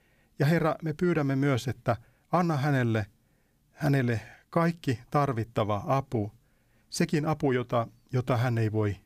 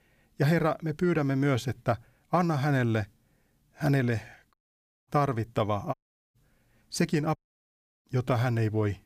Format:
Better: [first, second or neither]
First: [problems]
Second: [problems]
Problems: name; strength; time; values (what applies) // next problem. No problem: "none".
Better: first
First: none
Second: audio cutting out; at 4.5 s for 0.5 s, at 6 s and at 7.5 s for 0.5 s